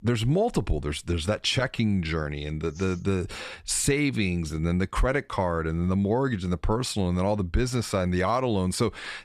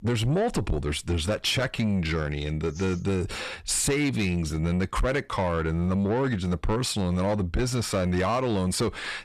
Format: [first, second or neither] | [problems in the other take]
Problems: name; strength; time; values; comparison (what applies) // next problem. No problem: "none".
first | distortion; slight; 10 dB below the speech